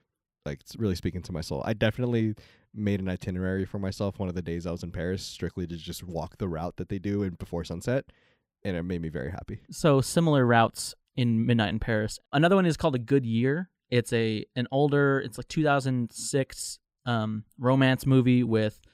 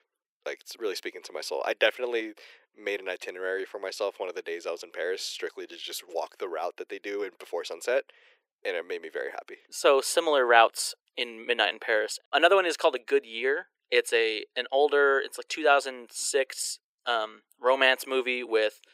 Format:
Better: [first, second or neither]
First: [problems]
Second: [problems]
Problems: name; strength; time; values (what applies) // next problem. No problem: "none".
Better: first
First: none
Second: thin; very; fading below 400 Hz